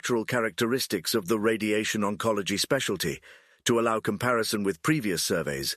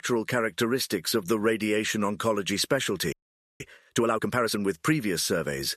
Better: first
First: none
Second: audio freezing; at 3 s

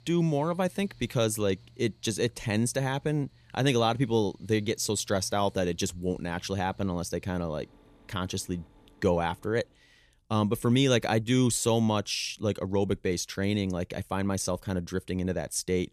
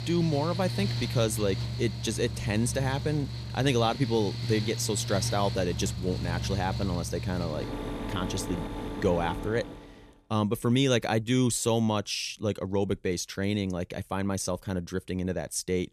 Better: first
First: machinery noise; faint; until 9.5 s; 30 dB below the speech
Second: machinery noise; loud; until 9.5 s; 5 dB below the speech

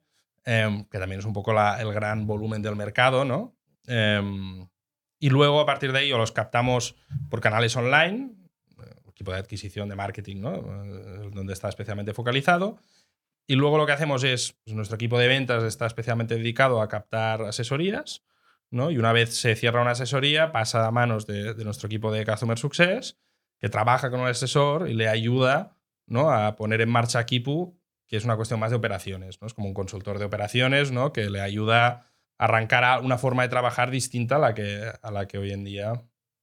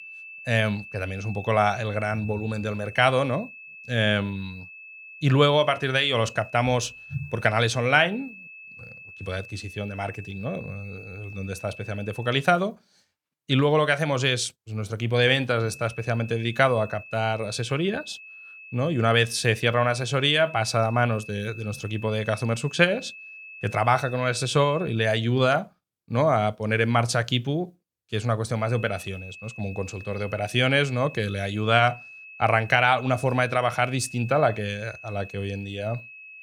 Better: first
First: none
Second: high-pitched whine; noticeable; until 12 s, from 16 to 25 s and from 29 s on; 2.5 kHz, 15 dB below the speech

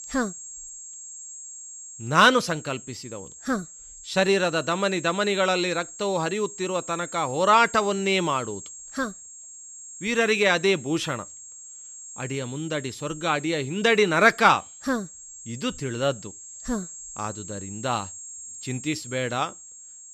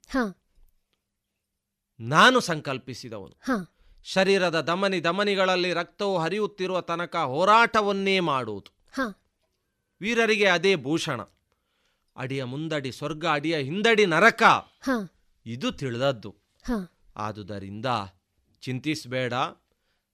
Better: second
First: high-pitched whine; noticeable; throughout; 7.5 kHz, 15 dB below the speech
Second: none

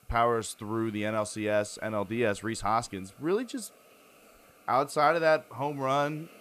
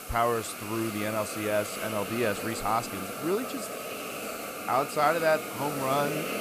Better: first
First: hiss; faint; throughout; 25 dB below the speech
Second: hiss; loud; throughout; 6 dB below the speech

